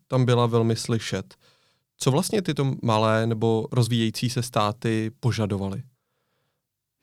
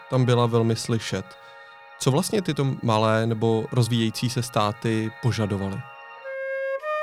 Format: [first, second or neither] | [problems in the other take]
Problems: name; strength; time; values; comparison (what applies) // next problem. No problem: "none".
first | background music; noticeable; throughout; 15 dB below the speech